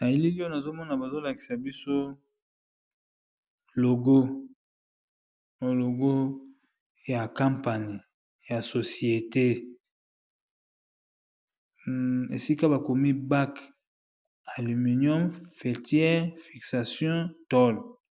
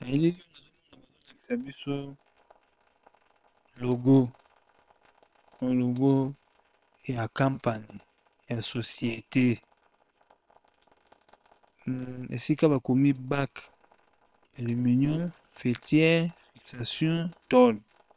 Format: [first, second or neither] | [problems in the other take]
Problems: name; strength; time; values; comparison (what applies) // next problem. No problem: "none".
first | noise reduction (neural separator model SepFormer WHAM!)